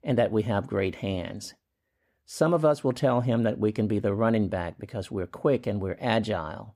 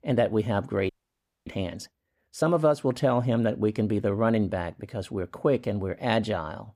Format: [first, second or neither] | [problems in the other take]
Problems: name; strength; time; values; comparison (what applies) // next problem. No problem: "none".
first | audio freezing; at 1 s for 0.5 s